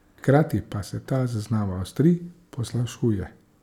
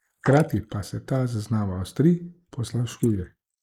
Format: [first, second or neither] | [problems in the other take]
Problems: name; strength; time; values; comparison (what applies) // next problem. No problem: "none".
first | noise reduction (neural mask model Resemble Enhance denoiser)